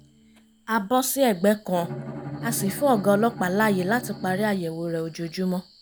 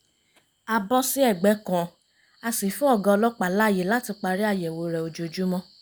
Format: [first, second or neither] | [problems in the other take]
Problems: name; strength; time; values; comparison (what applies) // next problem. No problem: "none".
second | background sound (Bowed string instrument); 13 dB below the speech